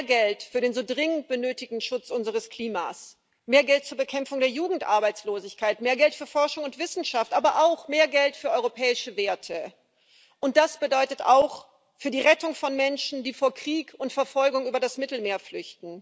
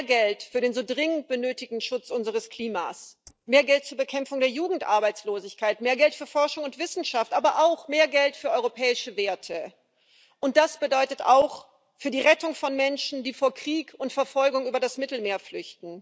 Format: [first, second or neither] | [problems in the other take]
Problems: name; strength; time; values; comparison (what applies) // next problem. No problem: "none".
first | noise reduction (neural mask model DeepFilterNet 3)